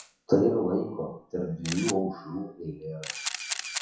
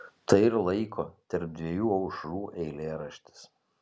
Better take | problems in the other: second | noise reduction (classical method WPE with log-MMSE)

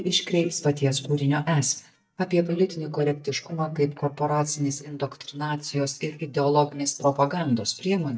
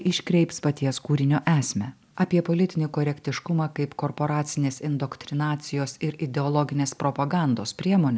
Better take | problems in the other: second | noise reduction (neural mask model DeepFilterNet 3)

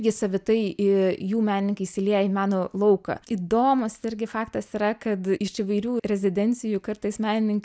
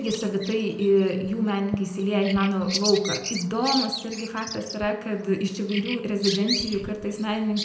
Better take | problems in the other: first | background sound (Bird vocalization, bird call, bird song); 9 dB below the speech // room echo; dies away in 0.7 s

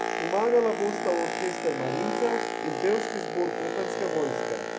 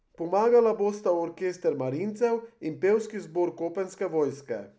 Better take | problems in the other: second | background sound (Boat, Water vehicle); 2 dB below the speech

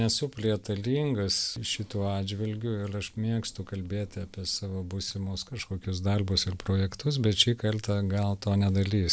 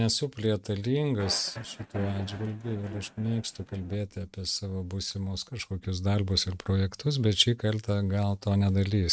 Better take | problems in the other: first | noise reduction (neural mask model RNNoise)

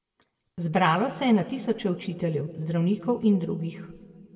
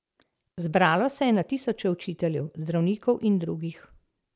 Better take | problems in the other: second | room echo; dies away in 1.5 s

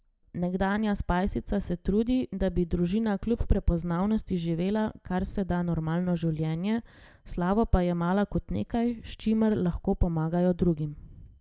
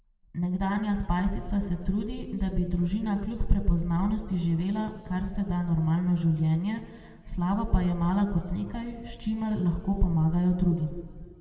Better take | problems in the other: first | room echo; dies away in 2.2 s

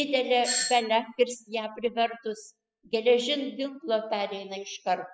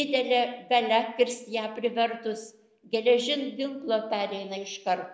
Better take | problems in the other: second | noise reduction (classical method spectral subtraction)

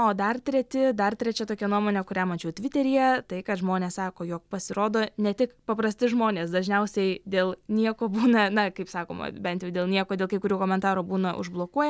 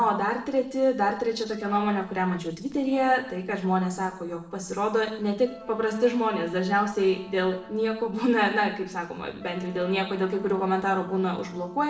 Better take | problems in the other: first | noise reduction (neural separator model SepFormer DNS4)

